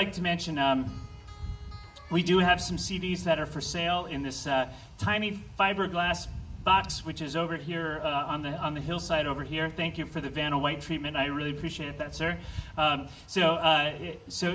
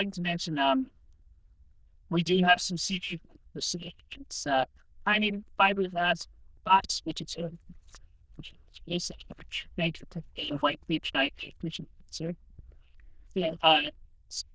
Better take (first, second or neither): first